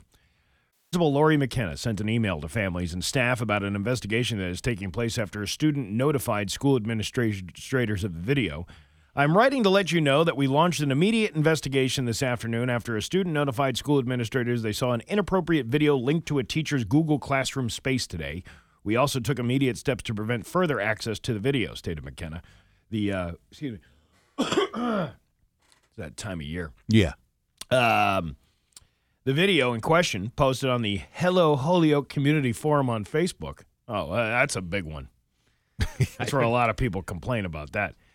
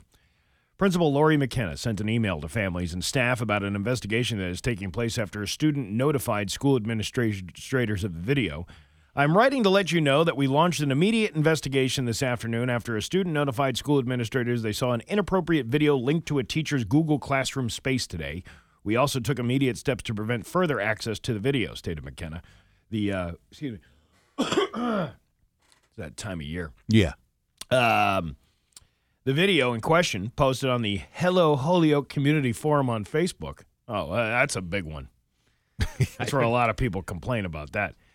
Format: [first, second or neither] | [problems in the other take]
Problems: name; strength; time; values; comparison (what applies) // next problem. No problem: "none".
second | audio cutting out; at 0.5 s